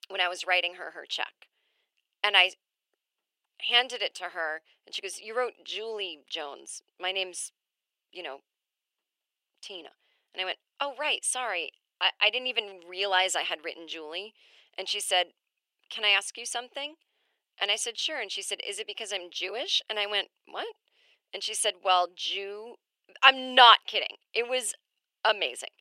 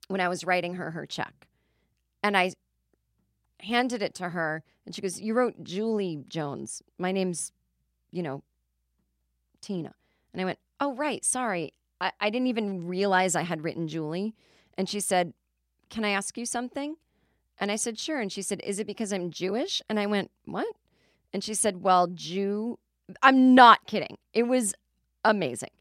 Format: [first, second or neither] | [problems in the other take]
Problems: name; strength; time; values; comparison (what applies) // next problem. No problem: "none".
second | thin; very; fading below 450 Hz